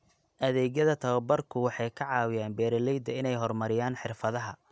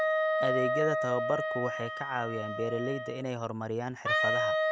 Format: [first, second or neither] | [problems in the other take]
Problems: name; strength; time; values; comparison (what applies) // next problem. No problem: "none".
first | background sound (Wind instrument, woodwind instrument); 3 dB above the speech